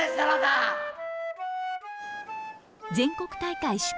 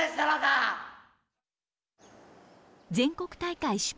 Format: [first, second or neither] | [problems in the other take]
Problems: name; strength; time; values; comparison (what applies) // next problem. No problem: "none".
second | background sound (Wind instrument, woodwind instrument); 4 dB below the speech